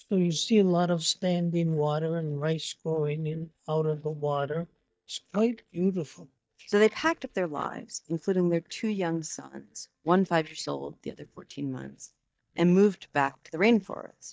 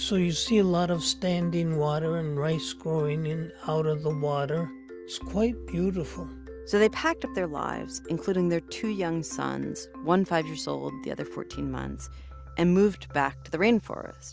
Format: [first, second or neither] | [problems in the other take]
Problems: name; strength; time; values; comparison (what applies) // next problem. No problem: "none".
second | noise reduction (neural mask model DeepFilterNet 3)